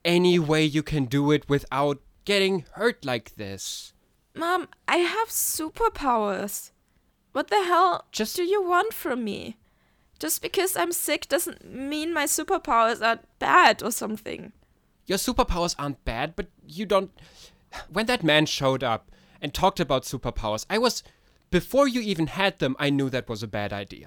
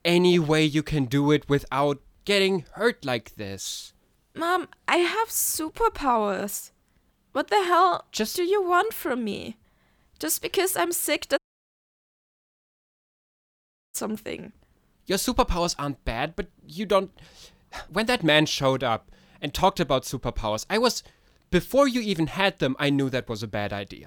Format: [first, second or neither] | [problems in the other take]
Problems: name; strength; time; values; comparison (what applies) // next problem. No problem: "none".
first | audio cutting out; at 11 s for 2.5 s